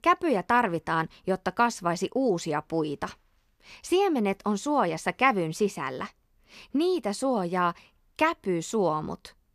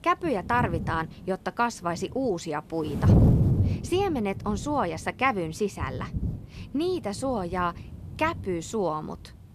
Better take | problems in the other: first | wind noise on the microphone; heavy; 8 dB below the speech

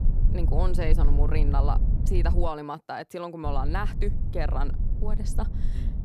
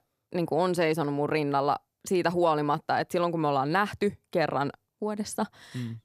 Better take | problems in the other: second | low rumble; loud; until 2.5 s and from 3.5 s on; 10 dB below the speech

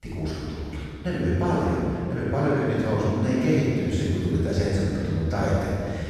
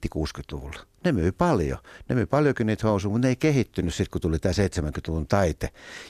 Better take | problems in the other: second | off-mic speech; far // room echo; strong; dies away in 2.4 s

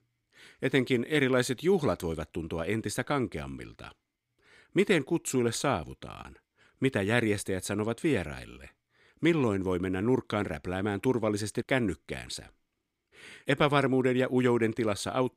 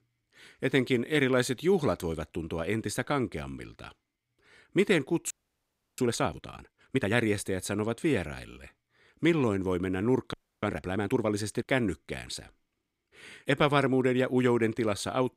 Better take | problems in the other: first | audio freezing; at 5.5 s for 0.5 s and at 10 s

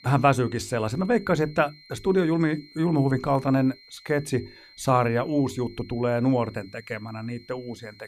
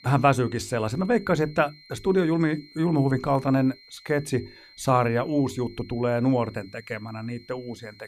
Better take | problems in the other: neither | high-pitched whine; faint; throughout; 4 kHz, 25 dB below the speech; the same in both

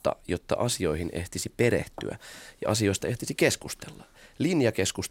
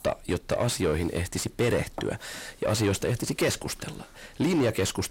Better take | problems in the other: first | distortion; heavy; 7 dB below the speech

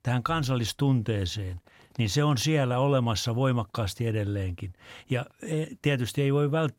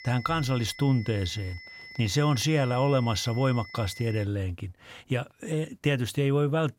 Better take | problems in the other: first | high-pitched whine; noticeable; until 4 s; 2 kHz, 15 dB below the speech

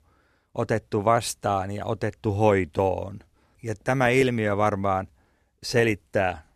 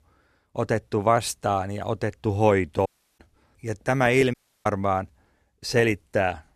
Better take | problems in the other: first | audio cutting out; at 3 s and at 4.5 s

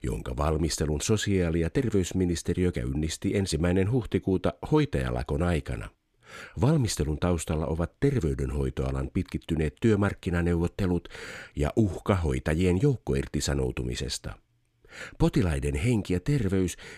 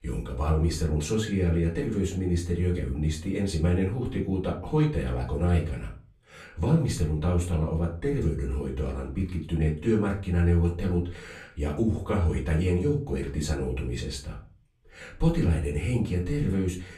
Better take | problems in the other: first | room echo; slight; dies away in 0.3 s // off-mic speech; far

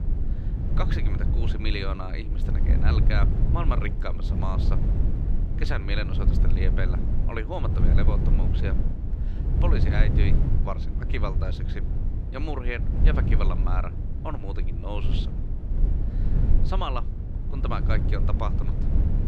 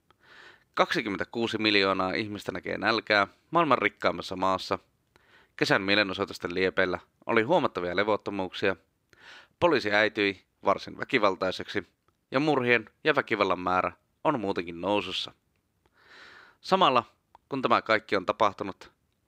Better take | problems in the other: second | low rumble; loud; throughout; 5 dB below the speech

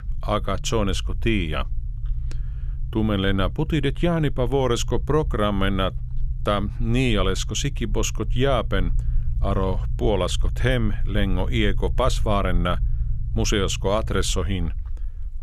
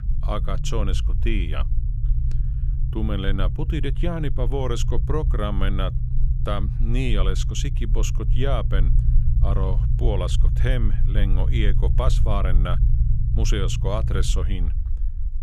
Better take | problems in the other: first | low rumble; loud; throughout; 10 dB below the speech; faint in the first

